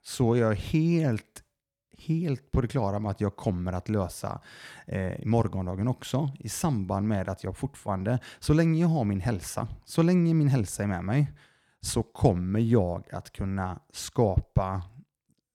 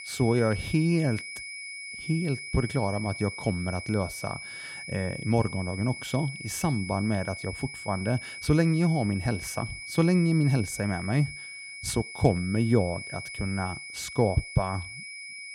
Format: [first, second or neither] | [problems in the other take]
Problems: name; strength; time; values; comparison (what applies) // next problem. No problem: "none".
first | high-pitched whine; loud; throughout; 2 kHz, 9 dB below the speech